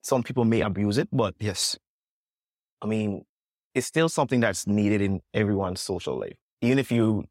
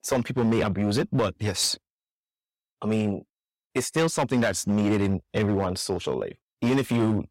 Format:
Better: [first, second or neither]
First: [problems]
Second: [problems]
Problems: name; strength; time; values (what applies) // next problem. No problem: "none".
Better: first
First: none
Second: distortion; slight; 8% of the sound clipped